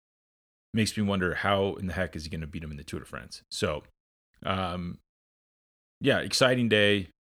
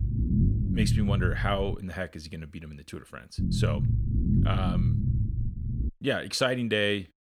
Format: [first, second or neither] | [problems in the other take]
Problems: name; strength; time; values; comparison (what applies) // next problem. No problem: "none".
first | low rumble; loud; until 2 s and from 3.5 to 6 s; 9 dB below the speech